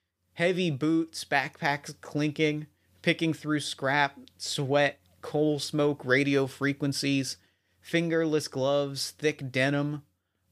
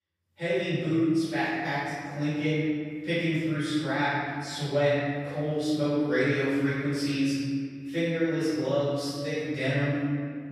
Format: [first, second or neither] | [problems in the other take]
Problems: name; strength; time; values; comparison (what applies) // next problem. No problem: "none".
first | off-mic speech; far // room echo; strong; dies away in 2.1 s